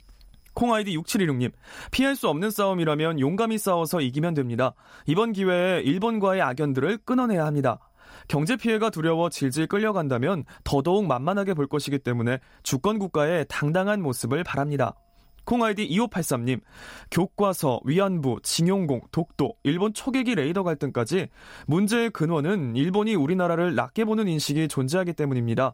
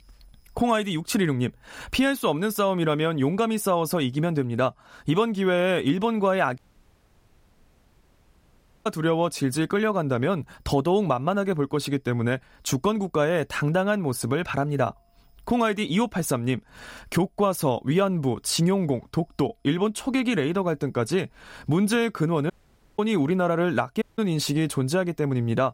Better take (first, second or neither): first